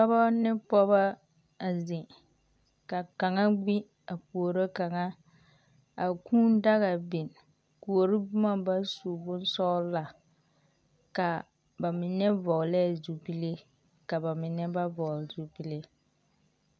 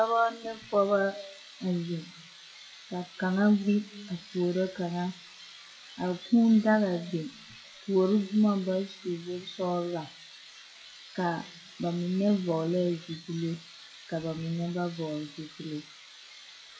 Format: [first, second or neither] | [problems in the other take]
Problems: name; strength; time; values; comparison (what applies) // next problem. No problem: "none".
first | noise reduction (classical method WPE with log-MMSE)